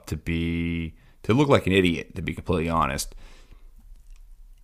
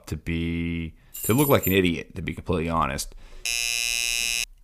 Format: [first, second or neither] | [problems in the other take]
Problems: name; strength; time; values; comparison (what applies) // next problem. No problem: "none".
first | jangling keys; noticeable; at 1 s; peak 3 dB below the speech // doorbell; loud; from 3.5 s on; peak 3 dB above the speech